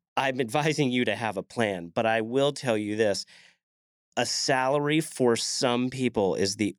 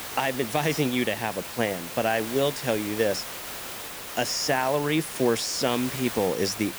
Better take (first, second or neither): first